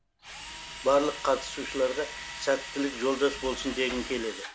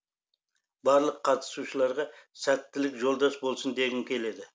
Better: second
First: background sound (Drill); 10 dB below the speech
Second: none

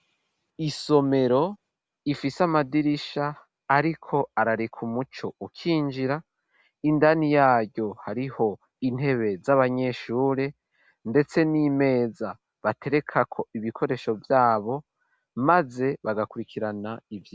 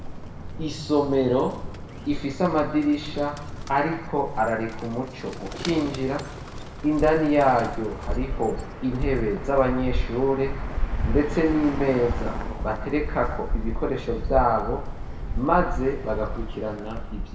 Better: first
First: none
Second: background sound (Bird); 5 dB below the speech // room echo; dies away in 0.9 s

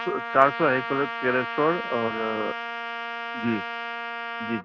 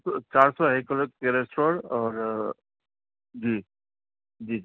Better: second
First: background sound (Trumpet); 6 dB below the speech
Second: none

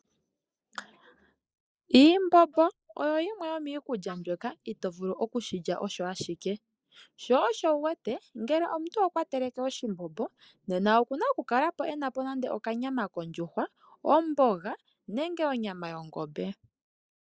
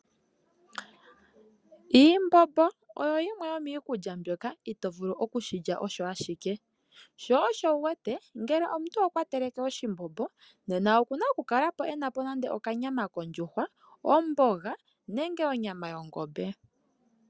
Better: second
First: noise reduction (neural mask model Resemble Enhance denoiser)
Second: none

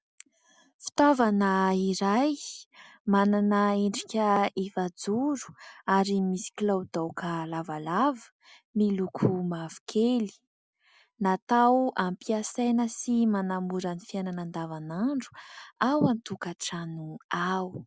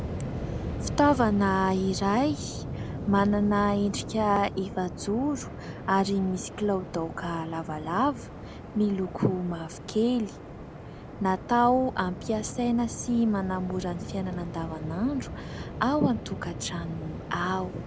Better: first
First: none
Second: background sound (Waves, surf); 9 dB below the speech

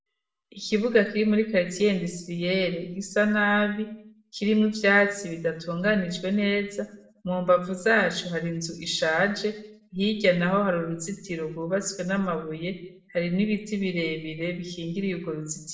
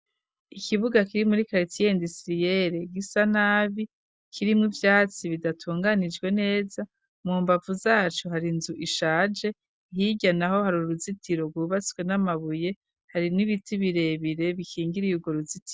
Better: second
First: room echo; dies away in 0.7 s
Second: none

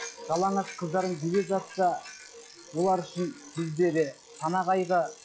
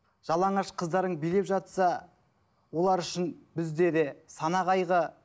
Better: second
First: noise reduction (classical method log-MMSE)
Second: none

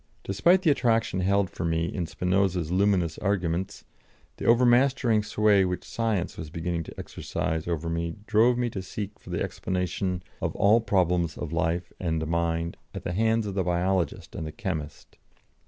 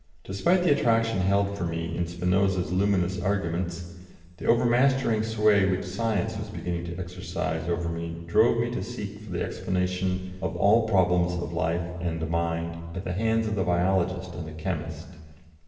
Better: first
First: none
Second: room echo; dies away in 1.4 s

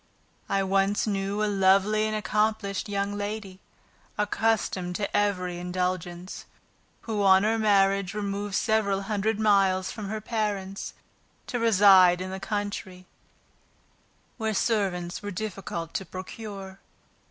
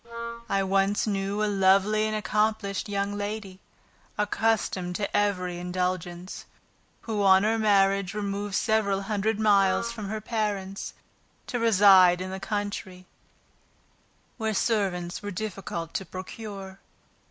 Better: first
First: none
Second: background sound (Wind instrument, woodwind instrument); 10 dB below the speech

